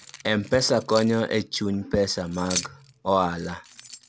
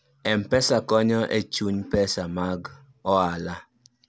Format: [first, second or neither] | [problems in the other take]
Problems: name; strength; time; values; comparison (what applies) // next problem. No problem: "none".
second | background sound (Keys jangling); 14 dB below the speech